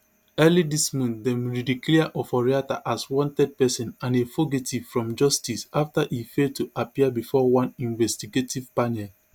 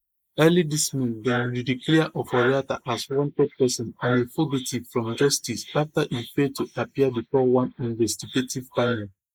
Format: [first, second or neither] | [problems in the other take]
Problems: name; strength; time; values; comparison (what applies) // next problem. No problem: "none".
first | noise reduction (neural mask model Resemble Enhance denoiser)